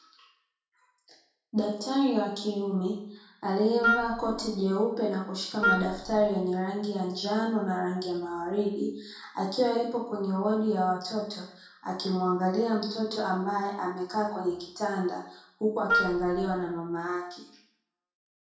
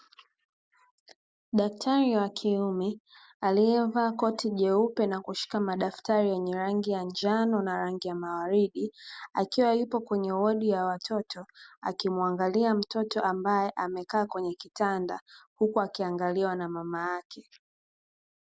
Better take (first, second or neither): second